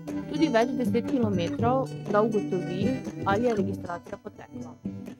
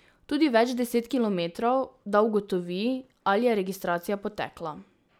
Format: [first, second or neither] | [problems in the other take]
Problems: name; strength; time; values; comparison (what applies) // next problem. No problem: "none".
second | noise reduction (neural mask model RNNoise)